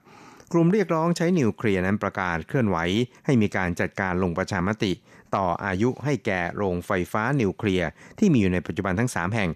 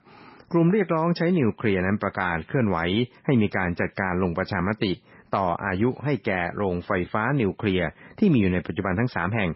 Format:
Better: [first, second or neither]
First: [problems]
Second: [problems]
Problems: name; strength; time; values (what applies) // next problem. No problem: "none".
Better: first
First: none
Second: garbled, watery; badly; nothing above 5.5 kHz